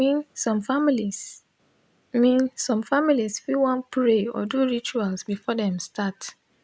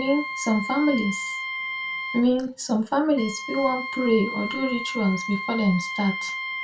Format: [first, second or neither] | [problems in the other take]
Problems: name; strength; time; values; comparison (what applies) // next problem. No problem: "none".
first | background sound (Wind instrument, woodwind instrument); 7 dB below the speech // room echo; dies away in 0.2 s